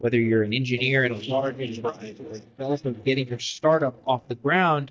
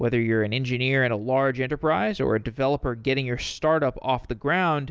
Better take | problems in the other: second | noise reduction (neural mask model DeepFilterNet 3)

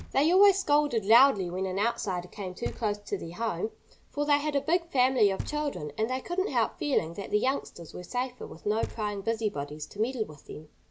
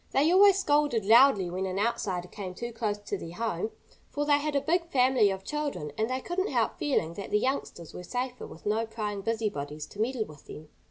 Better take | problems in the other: second | background sound (Knock); 18 dB below the speech

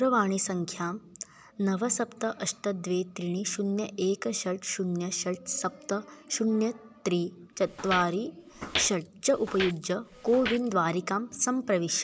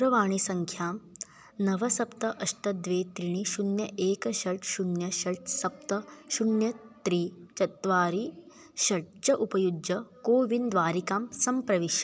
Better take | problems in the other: second | background sound (Walk, footsteps); 9 dB below the speech

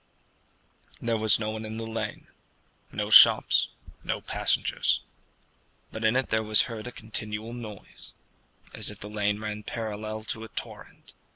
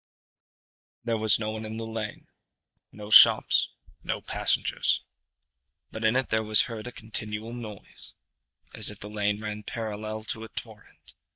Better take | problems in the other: first | noise reduction (neural mask model DeepFilterNet 3)

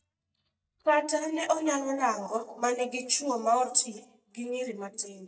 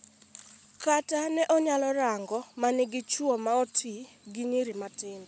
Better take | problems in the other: second | noise reduction (neural mask model DeepFilterNet 3)

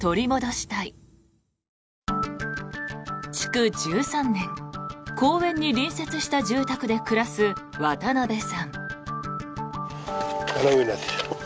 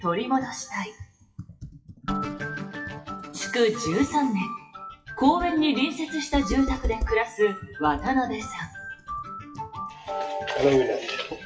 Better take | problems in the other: first | noise reduction (classical method WPE with log-MMSE)

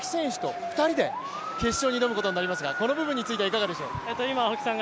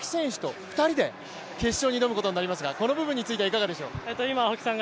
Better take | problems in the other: second | background sound (Motor vehicle (road) / Siren); 7 dB below the speech

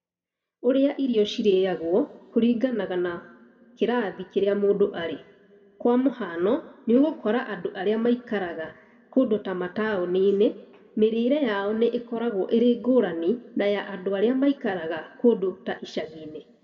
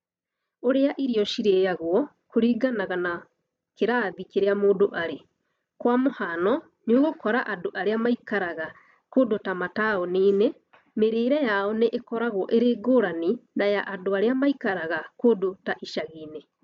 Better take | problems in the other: second | room echo; dies away in 1.1 s

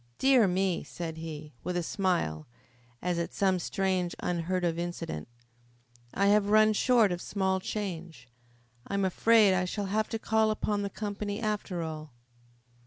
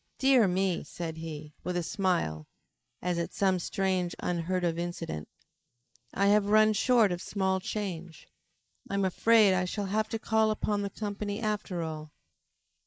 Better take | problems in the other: first | noise reduction (neural mask model Resemble Enhance denoiser)

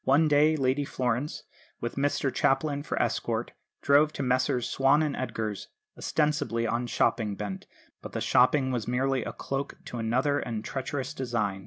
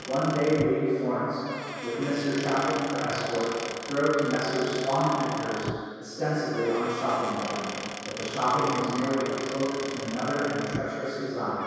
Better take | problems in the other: first | background sound (Squeak / Wood); 11 dB below the speech // room echo; dies away in 2.2 s

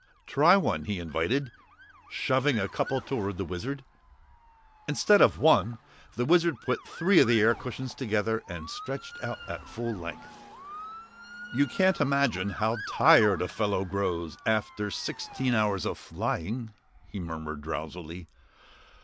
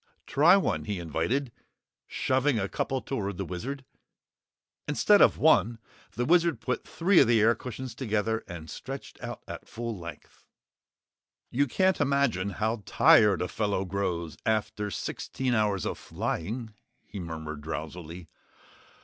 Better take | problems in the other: second | background sound (Motor vehicle (road) / Siren); 18 dB below the speech

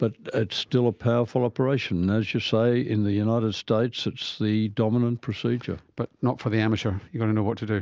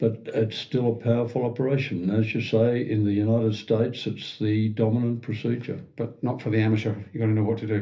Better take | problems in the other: first | room echo; dies away in 0.3 s

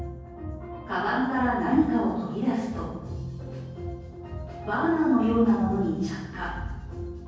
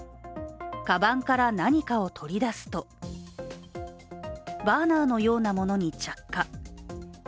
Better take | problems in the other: second | room echo; dies away in 1.3 s

